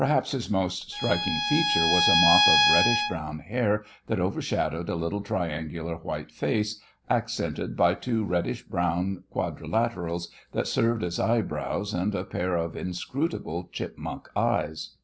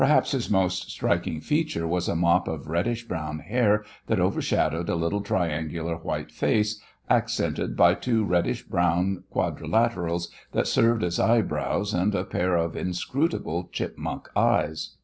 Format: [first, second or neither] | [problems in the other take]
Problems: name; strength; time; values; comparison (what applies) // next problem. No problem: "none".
second | background sound (Bowed string instrument); 4 dB above the speech